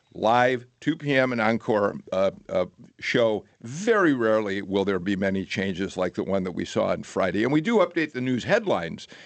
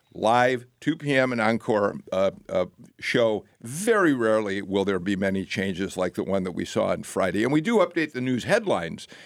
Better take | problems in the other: second | garbled, watery; slightly; nothing above 8 kHz

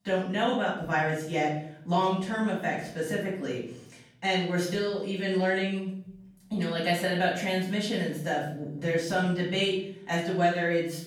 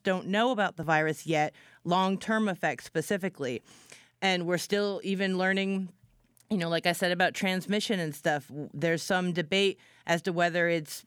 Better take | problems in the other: second | off-mic speech; far // room echo; noticeable; dies away in 0.7 s

